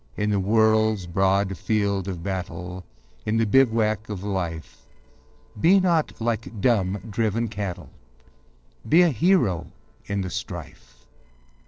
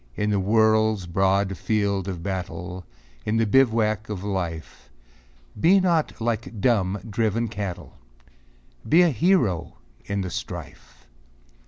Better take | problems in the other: second | noise reduction (neural separator model SepFormer DNS4)

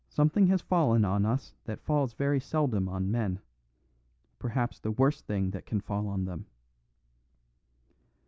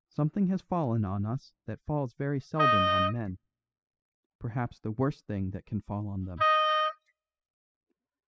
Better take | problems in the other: first | noise reduction (classical method spectral subtraction)

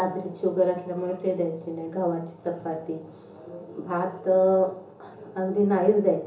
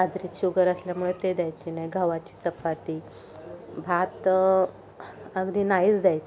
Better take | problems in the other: second | room echo; dies away in 0.8 s

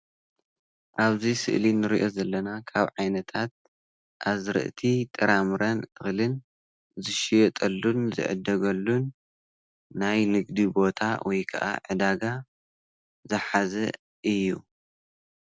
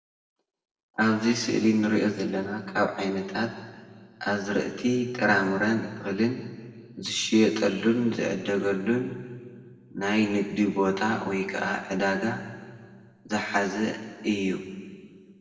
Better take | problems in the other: first | room echo; dies away in 1.6 s

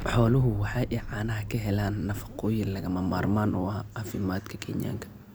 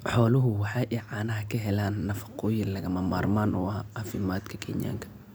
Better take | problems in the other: second | background sound (Explosion); 13 dB below the speech

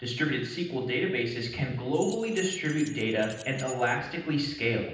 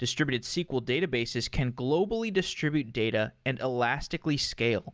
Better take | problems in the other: second | background sound (Keys jangling); 15 dB below the speech // room echo; dies away in 0.9 s

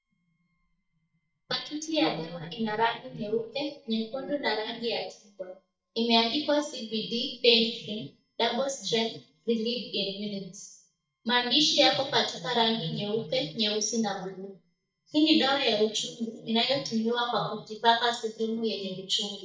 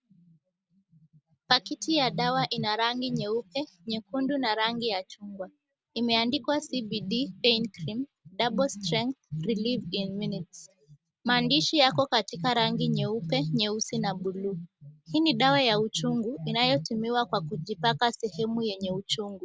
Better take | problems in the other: second | noise reduction (neural mask model DeepFilterNet 3)

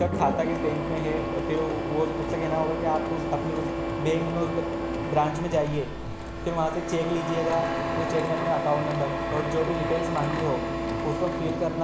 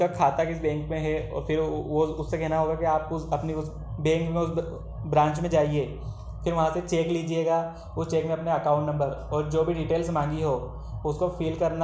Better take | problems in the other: second | background sound (Printer); 1 dB below the speech

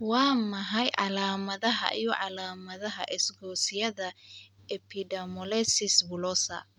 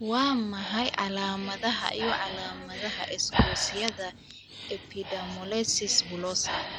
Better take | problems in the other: first | background sound (Breathing); 4 dB below the speech

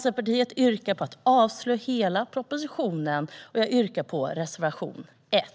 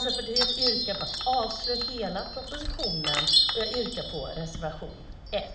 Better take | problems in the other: first | background sound (Chime); 3 dB above the speech // room echo; dies away in 1.7 s

